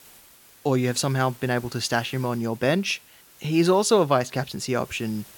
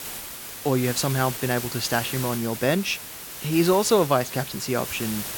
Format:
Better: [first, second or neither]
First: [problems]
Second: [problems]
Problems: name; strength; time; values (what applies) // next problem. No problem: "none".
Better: first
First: hiss; faint; throughout; 25 dB below the speech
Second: hiss; loud; throughout; 8 dB below the speech